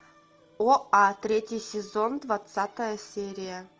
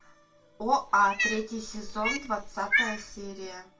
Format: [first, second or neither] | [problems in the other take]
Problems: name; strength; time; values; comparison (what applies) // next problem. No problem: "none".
first | background sound (Cat); 1 dB below the speech // room echo; dies away in 0.2 s